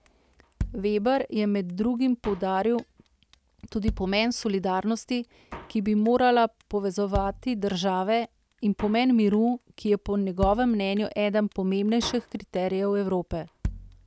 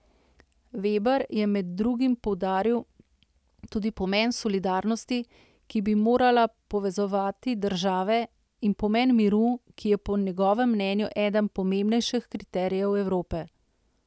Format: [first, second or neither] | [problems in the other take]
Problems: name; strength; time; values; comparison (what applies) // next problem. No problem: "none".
second | background sound (Drum kit); 14 dB below the speech